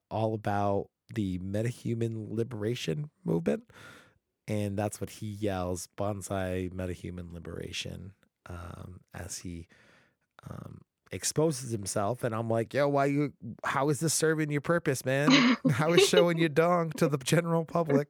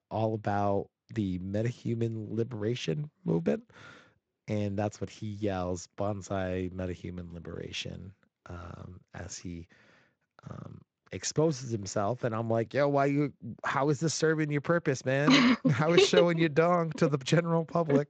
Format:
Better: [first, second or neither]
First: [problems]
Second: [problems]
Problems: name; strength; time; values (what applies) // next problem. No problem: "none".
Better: first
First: none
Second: garbled, watery; slightly; nothing above 7.5 kHz